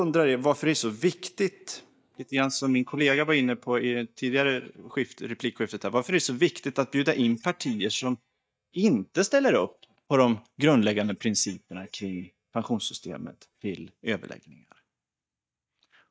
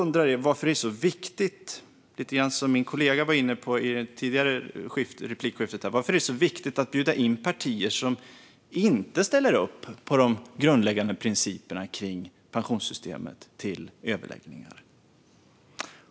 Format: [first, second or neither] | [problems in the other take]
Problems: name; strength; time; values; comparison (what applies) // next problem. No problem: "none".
second | noise reduction (neural mask model DeepFilterNet 3)